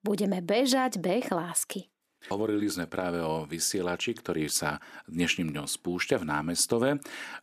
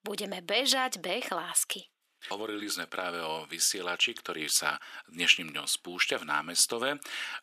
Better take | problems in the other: first | thin; somewhat; fading below 1 kHz

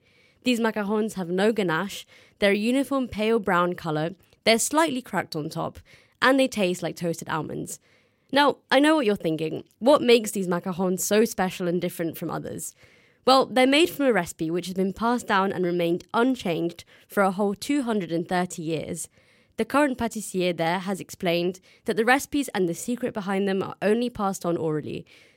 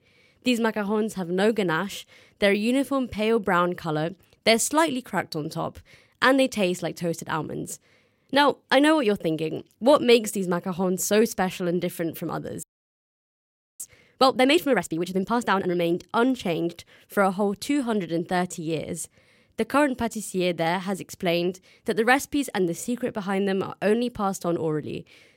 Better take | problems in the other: first | audio freezing; at 13 s for 1 s

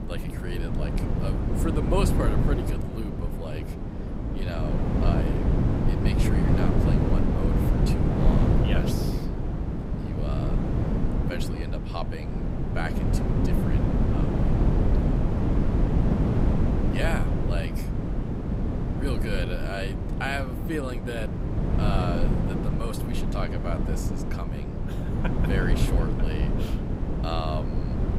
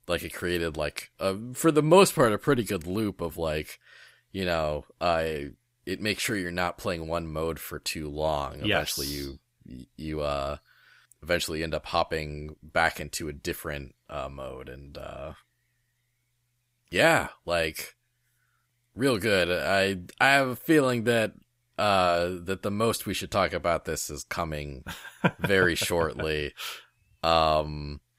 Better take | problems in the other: second | wind noise on the microphone; heavy; 1 dB above the speech

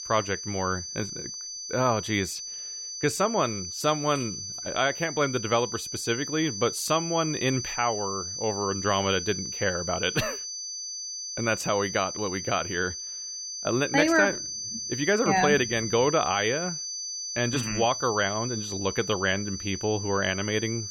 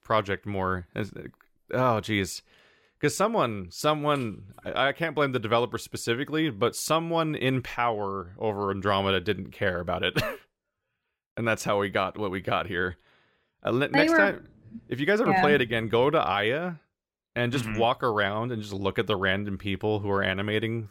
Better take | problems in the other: second | high-pitched whine; loud; throughout; 6 kHz, 6 dB below the speech

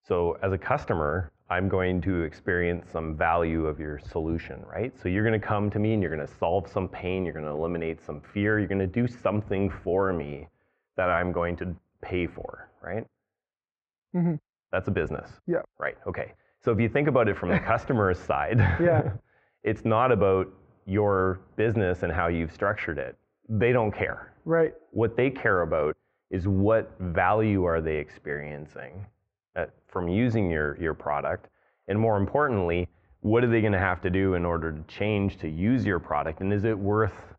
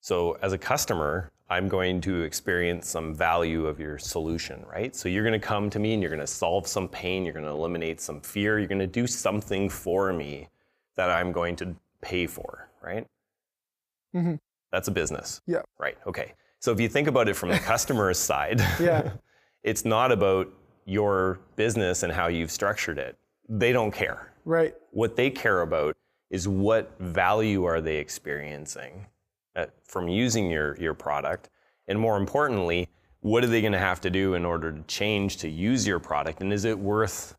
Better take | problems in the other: second | muffled; very; fading above 2 kHz

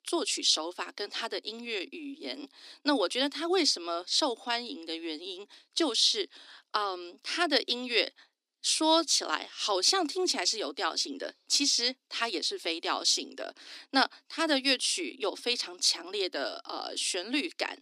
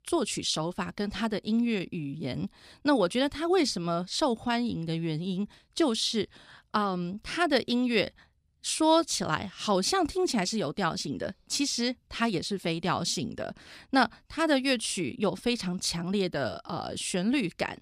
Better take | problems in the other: second | thin; very slightly; fading below 250 Hz

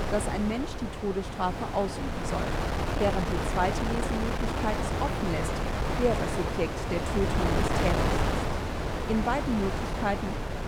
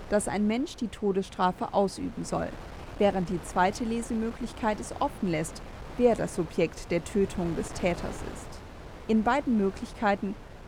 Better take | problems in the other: second | wind noise on the microphone; heavy; as loud as the speech; occasional gusts in the second

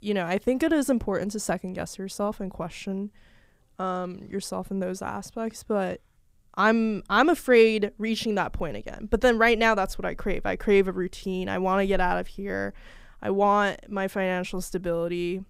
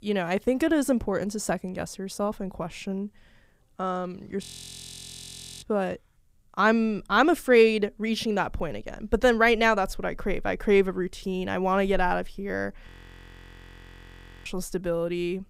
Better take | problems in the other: first | audio freezing; at 4.5 s for 1 s and at 13 s for 1.5 s

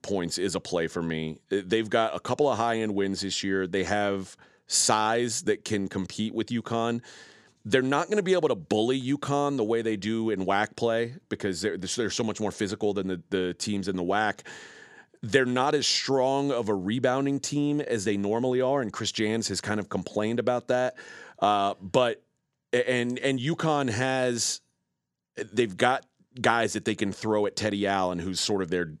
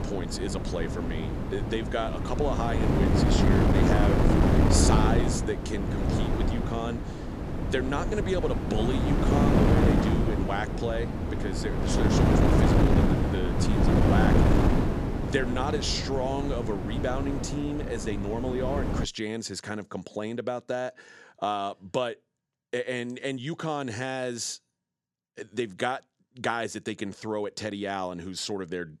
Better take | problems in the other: first | wind noise on the microphone; heavy; until 19 s; 1 dB above the speech

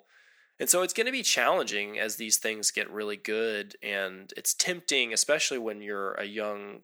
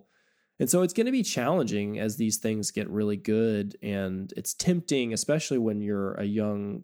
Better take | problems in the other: second | thin; very; fading below 650 Hz

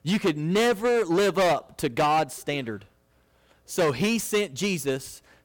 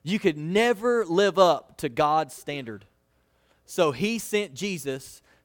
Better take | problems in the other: second | distortion; heavy; 12% of the sound clipped

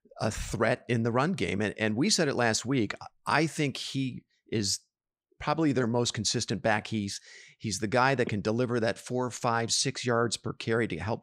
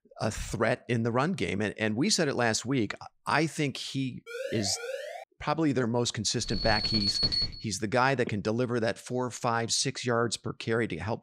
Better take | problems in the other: first | siren; noticeable; at 4.5 s; peak 8 dB below the speech // alarm; loud; from 6.5 to 7.5 s; peak 4 dB above the speech

